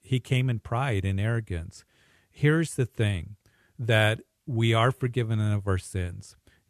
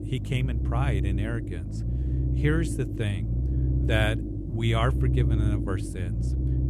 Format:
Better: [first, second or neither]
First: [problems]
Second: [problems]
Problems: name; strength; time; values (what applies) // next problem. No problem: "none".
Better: first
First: none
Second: low rumble; loud; throughout; 7 dB below the speech